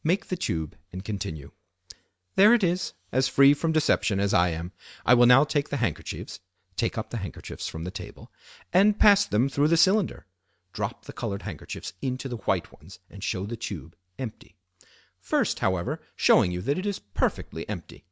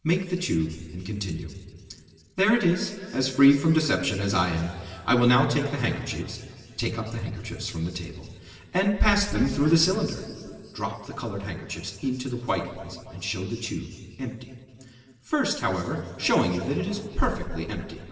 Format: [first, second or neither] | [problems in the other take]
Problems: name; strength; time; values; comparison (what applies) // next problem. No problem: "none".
first | room echo; dies away in 2.3 s